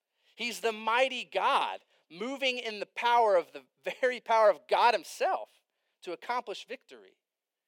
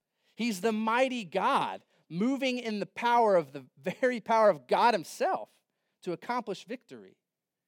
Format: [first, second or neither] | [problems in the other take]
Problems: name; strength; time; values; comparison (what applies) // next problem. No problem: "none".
second | thin; somewhat; fading below 500 Hz